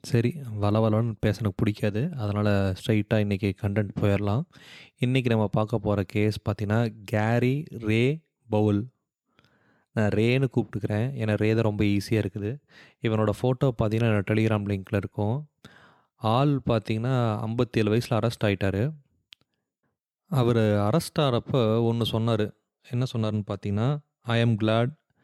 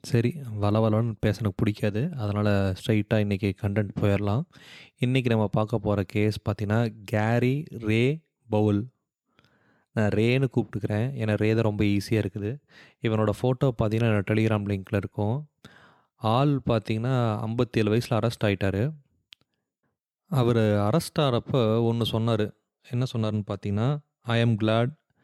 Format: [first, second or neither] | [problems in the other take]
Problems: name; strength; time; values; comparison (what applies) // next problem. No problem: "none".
neither | none